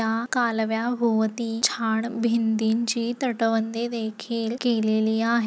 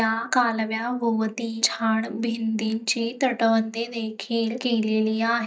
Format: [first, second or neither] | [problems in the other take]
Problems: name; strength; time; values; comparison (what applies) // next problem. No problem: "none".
first | noise reduction (neural mask model DeepFilterNet 3)